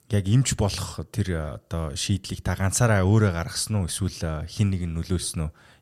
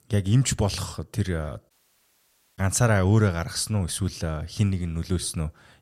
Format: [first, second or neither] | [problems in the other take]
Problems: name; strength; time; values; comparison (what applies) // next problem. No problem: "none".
first | audio cutting out; at 1.5 s for 1 s